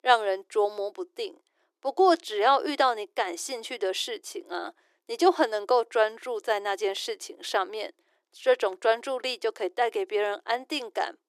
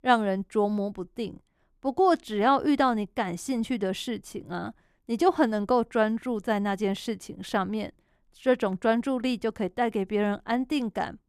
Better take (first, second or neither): second